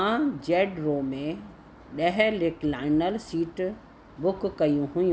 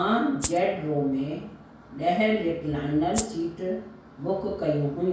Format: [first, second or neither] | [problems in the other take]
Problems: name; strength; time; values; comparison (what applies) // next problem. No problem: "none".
first | background sound (Rattle (instrument)); 8 dB below the speech // room echo; dies away in 0.5 s